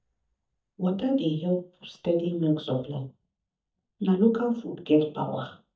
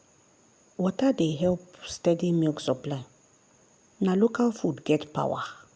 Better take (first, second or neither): second